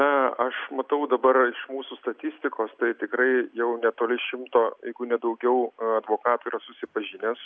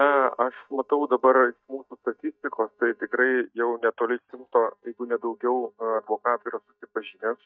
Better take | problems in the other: first | noise reduction (neural mask model DeepFilterNet 3)

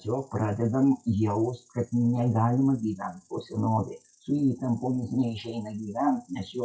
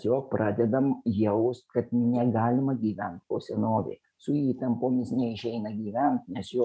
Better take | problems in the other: second | noise reduction (classical method WPE with log-MMSE)

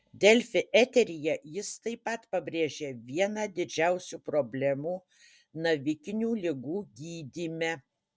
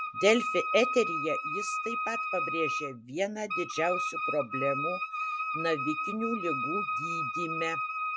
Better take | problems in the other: first | background sound (Wind instrument, woodwind instrument); 1 dB below the speech

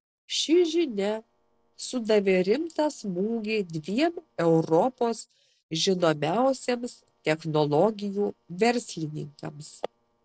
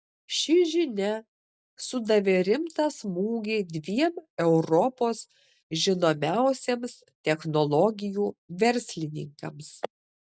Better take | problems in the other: second | noise reduction (neural separator model SepFormer DNS4)

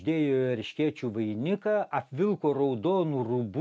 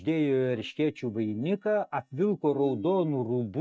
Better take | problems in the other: first | noise reduction (neural mask model DeepFilterNet 3)

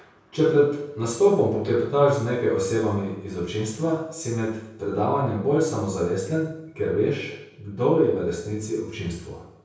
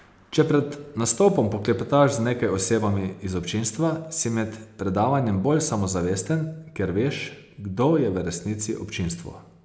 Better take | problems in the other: second | room echo; dies away in 0.6 s

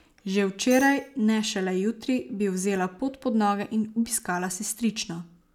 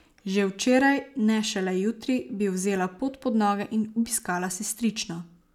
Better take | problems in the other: second | background sound (Tambourine); 20 dB below the speech

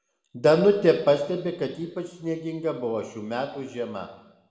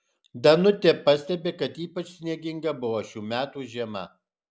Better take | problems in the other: second | room echo; dies away in 0.9 s

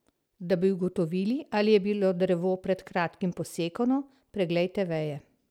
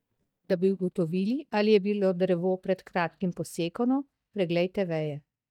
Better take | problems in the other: first | noise reduction (neural mask model DeepFilterNet 3)

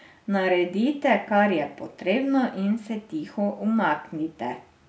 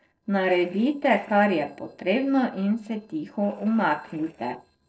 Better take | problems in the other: first | noise reduction (neural separator model SepFormer DNS4)

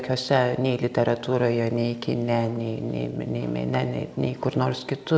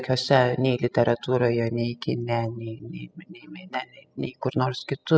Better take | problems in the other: first | noise reduction (classical method spectral subtraction)

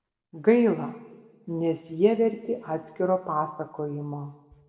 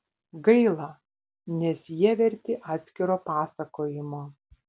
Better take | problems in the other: second | room echo; dies away in 1.2 s

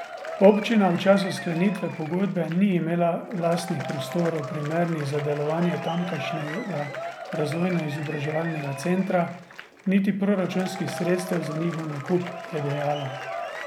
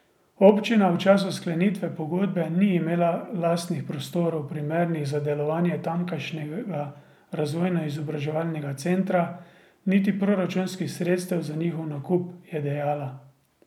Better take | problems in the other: second | background sound (Applause / Crowd / Cheering); 11 dB below the speech

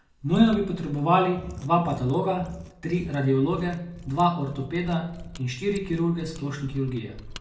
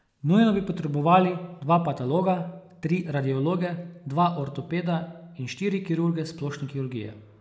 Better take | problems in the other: second | background sound (Mechanisms); 17 dB below the speech // room echo; dies away in 0.3 s

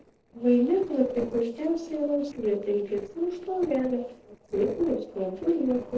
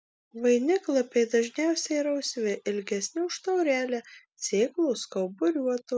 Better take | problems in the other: second | noise reduction (neural separator model SepFormer DNS4)

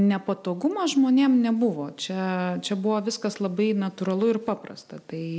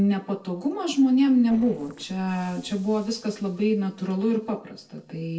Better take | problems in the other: first | noise reduction (neural separator model SepFormer DNS4)

